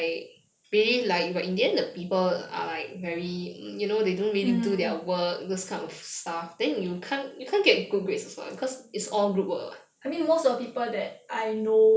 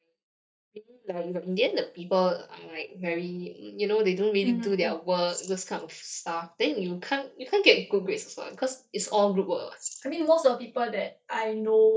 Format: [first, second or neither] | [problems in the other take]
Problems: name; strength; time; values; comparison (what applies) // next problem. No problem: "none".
first | noise reduction (neural mask model DeepFilterNet 3)